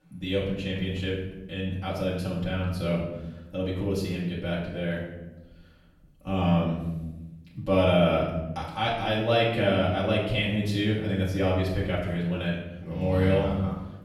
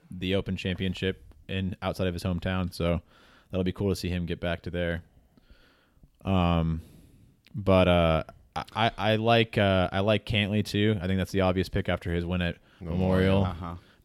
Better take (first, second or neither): second